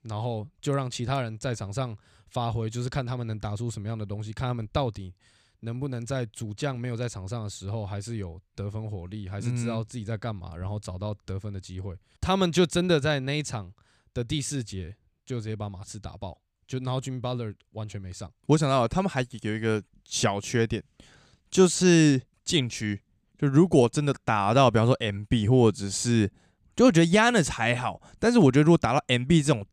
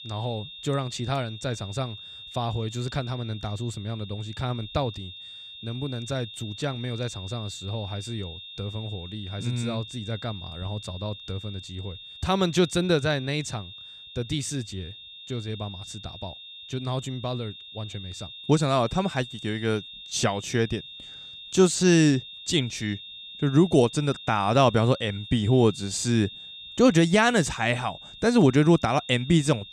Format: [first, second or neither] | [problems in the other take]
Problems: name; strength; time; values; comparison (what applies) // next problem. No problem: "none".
first | high-pitched whine; noticeable; throughout; 3.5 kHz, 15 dB below the speech